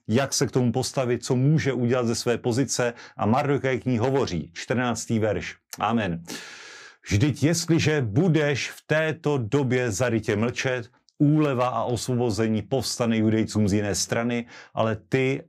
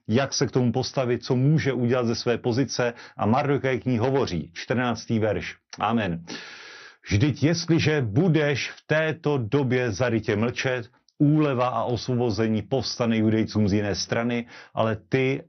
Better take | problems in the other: first | garbled, watery; slightly; nothing above 6 kHz

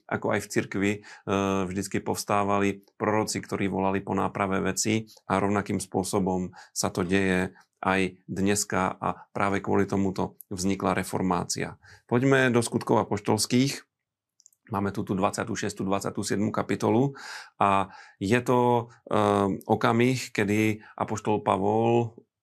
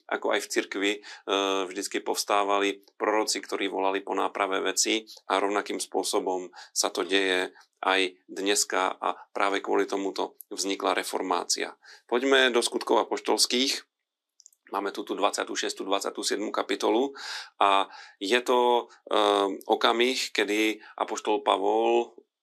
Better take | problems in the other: first | thin; somewhat; fading below 300 Hz

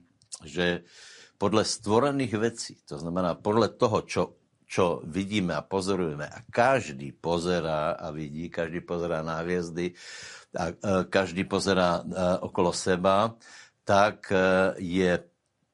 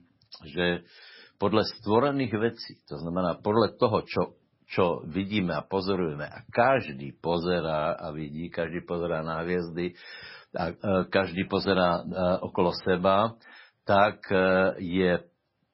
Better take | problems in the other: first | garbled, watery; badly; nothing above 5.5 kHz; slightly in the first

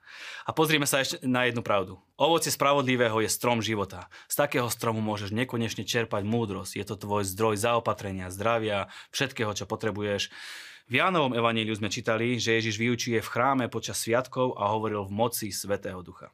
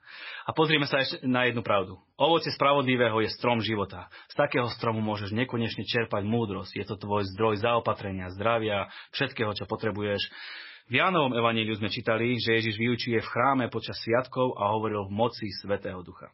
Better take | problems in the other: first | garbled, watery; badly; nothing above 5.5 kHz

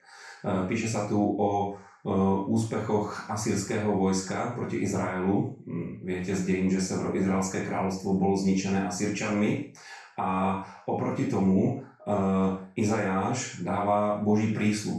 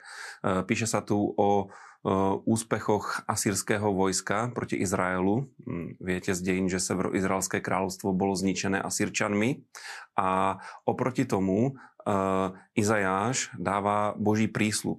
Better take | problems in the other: second | room echo; noticeable; dies away in 0.4 s // off-mic speech; far

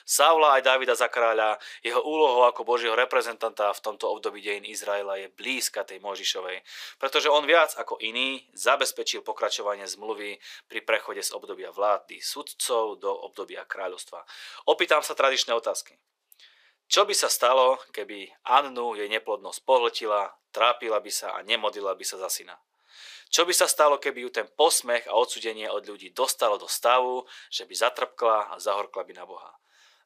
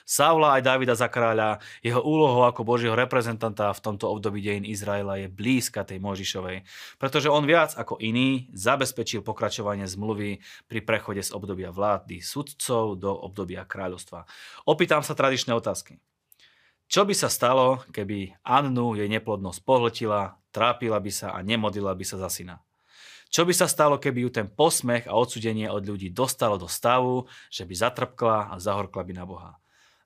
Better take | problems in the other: second | thin; very; fading below 400 Hz

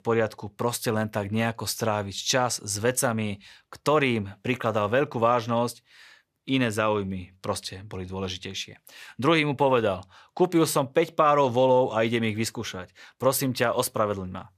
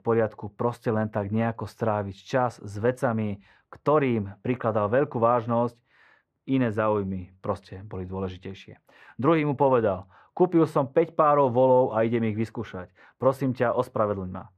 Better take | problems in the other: first | muffled; very; fading above 2.5 kHz

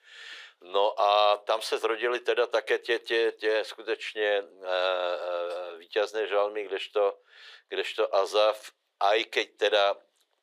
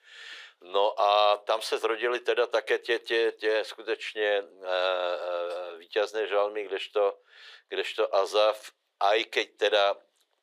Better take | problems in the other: neither | thin; very; fading below 400 Hz; the same in both

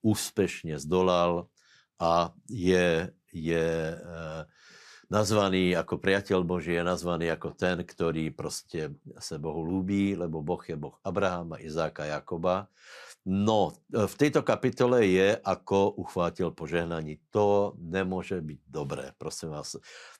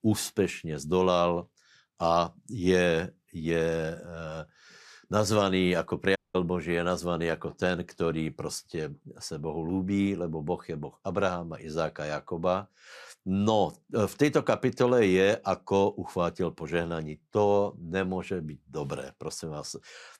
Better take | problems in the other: first | audio cutting out; at 6 s

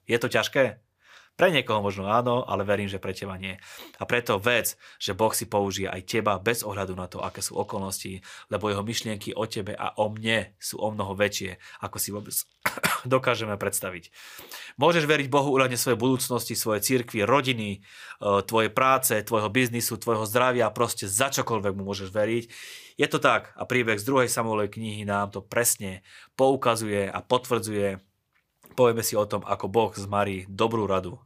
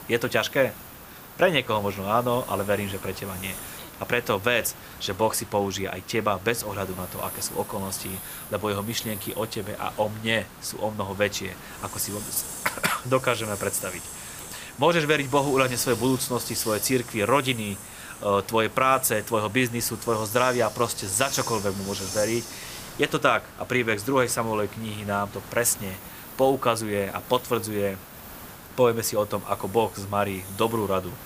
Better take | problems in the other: first | hiss; noticeable; throughout; 10 dB below the speech

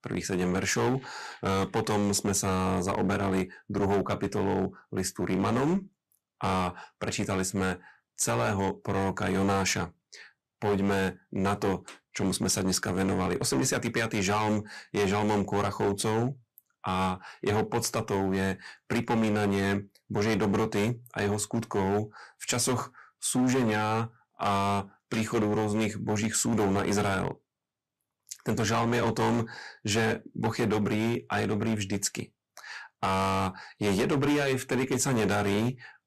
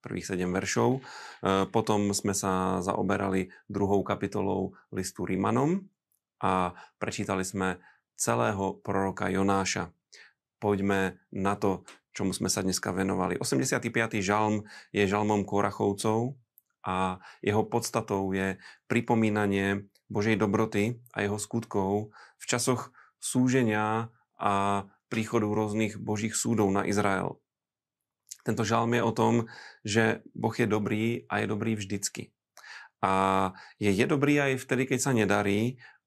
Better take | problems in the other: second | distortion; heavy; 11% of the sound clipped

